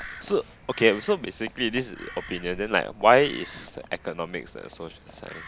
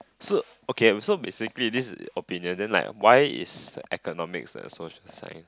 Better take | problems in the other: second | background sound (Crow); 18 dB below the speech

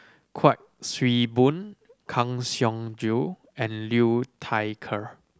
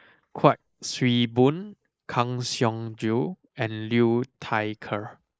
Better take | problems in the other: first | noise reduction (neural mask model Resemble Enhance denoiser)

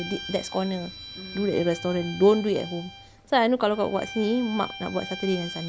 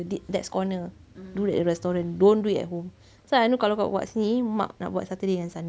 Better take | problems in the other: second | background sound (Bowed string instrument); 14 dB below the speech

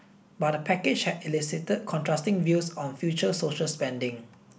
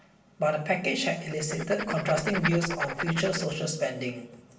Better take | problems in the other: first | background sound (Writing); 6 dB below the speech // room echo; dies away in 0.8 s

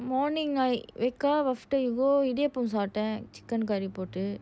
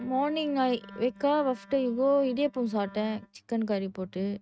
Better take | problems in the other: first | noise reduction (neural mask model RNNoise)

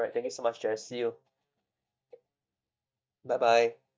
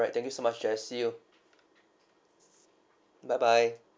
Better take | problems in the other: second | noise reduction (neural mask model DeepFilterNet 3)

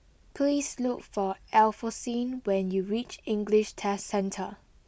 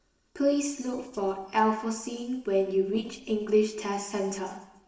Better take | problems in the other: first | noise reduction (neural separator model SepFormer DNS4)

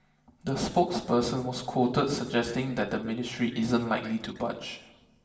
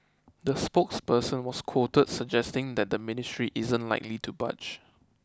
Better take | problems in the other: second | room echo; dies away in 0.9 s

